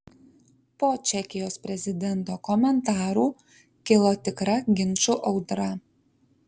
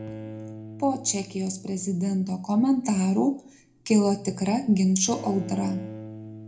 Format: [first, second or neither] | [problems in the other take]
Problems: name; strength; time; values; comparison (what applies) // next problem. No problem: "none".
first | background sound (Bowed string instrument); 16 dB below the speech // room echo; dies away in 0.3 s